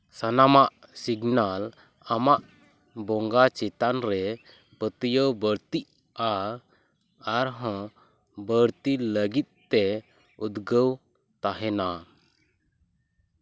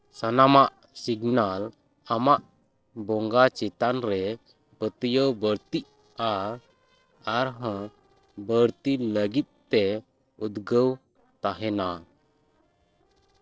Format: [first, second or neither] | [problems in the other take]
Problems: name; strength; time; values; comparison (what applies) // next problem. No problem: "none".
first | noise reduction (neural separator model SepFormer DNS4)